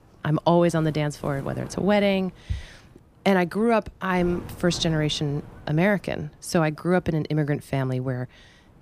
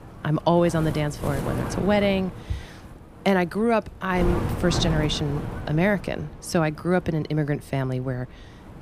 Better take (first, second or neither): first